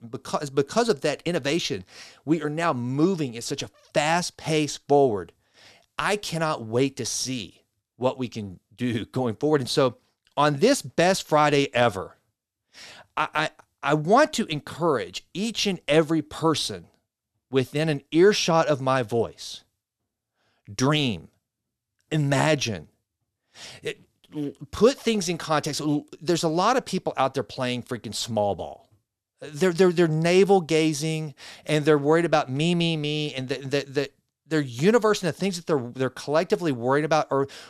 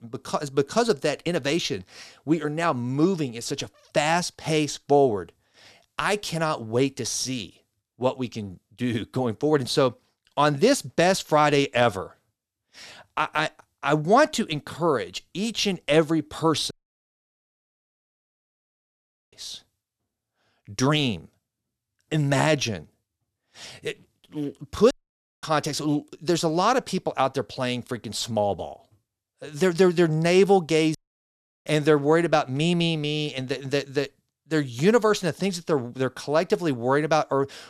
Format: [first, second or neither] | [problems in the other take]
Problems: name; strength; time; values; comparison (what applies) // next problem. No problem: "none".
first | audio cutting out; at 17 s for 2.5 s, at 25 s for 0.5 s and at 31 s for 0.5 s